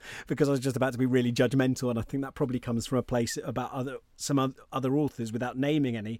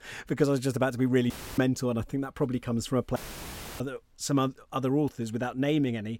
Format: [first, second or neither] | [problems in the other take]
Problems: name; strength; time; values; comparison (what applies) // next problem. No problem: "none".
first | audio cutting out; filled with static; at 1.5 s and at 3 s for 0.5 s